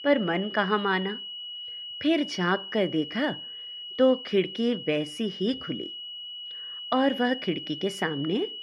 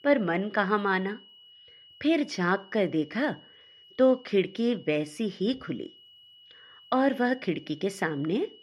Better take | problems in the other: second | high-pitched whine; loud; throughout; 3 kHz, 9 dB below the speech; faint in the second

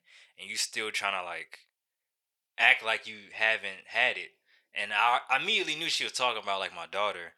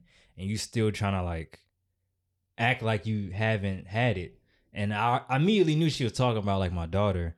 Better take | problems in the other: second | thin; very; fading below 950 Hz

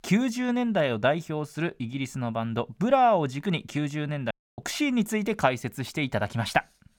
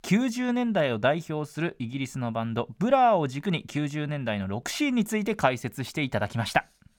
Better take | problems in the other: second | audio cutting out; at 4.5 s

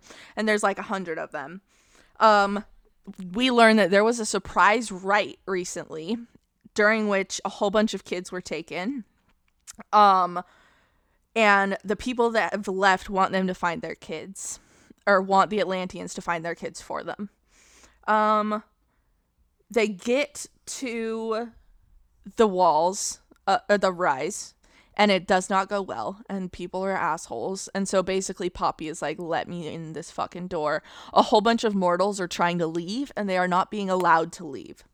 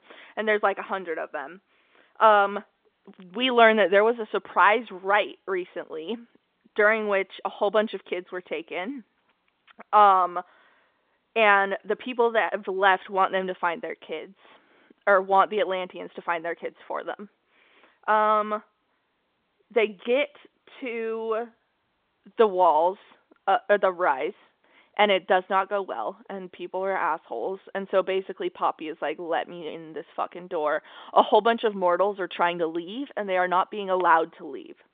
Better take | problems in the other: first | phone-call audio; nothing above 3 kHz

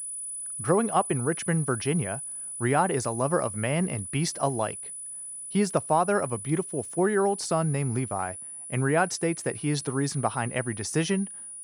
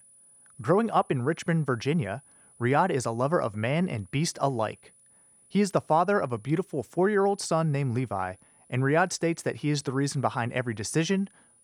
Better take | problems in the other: second | high-pitched whine; loud; throughout; 10 kHz, 8 dB below the speech; faint in the second

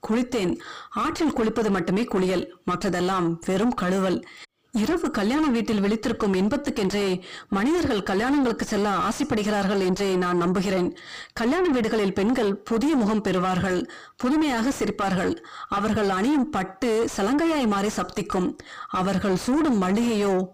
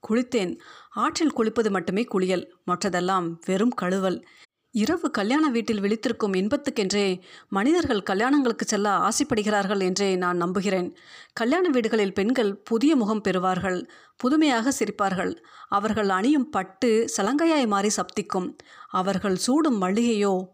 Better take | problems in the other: second | distortion; heavy; 6 dB below the speech

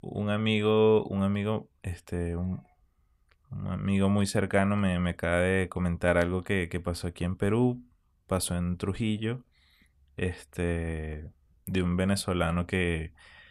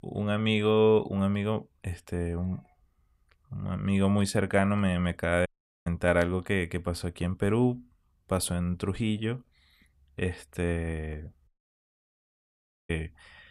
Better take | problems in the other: first | audio cutting out; at 5.5 s and at 11 s for 1.5 s

